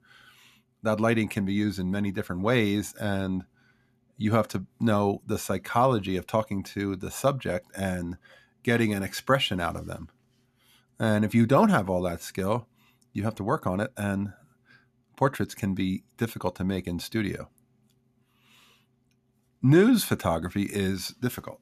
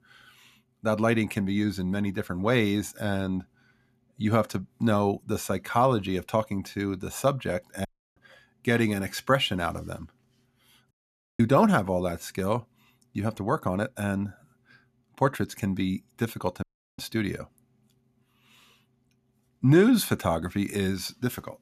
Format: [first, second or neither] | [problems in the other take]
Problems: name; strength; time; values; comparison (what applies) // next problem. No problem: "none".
first | audio cutting out; at 8 s, at 11 s and at 17 s